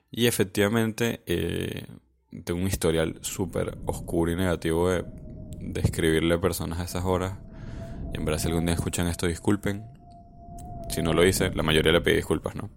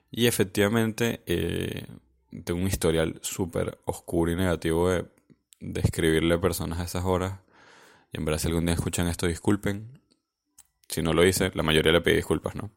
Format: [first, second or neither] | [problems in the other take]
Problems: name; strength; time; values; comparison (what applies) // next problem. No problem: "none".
second | wind noise on the microphone; occasional gusts; from 3 s on; 20 dB below the speech